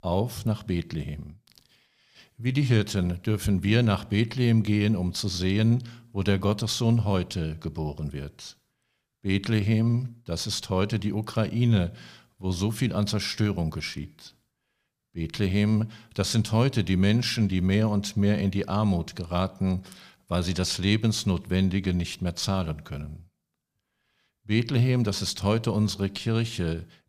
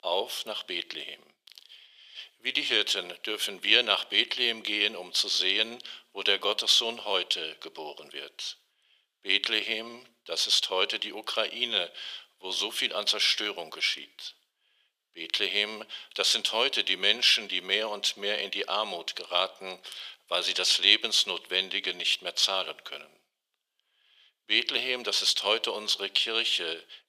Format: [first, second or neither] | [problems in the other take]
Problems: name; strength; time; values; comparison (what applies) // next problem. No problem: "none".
first | thin; very; fading below 400 Hz